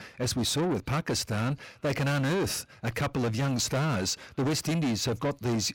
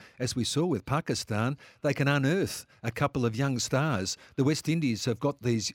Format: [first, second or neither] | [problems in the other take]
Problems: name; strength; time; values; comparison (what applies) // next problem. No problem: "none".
second | distortion; heavy; 7 dB below the speech